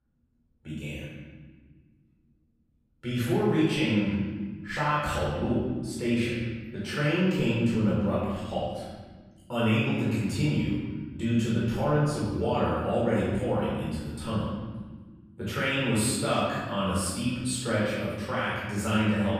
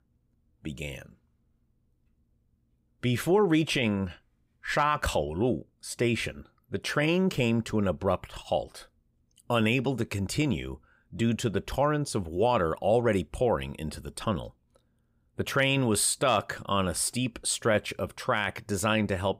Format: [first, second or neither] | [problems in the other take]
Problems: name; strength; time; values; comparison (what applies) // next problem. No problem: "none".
second | off-mic speech; far // room echo; strong; dies away in 1.6 s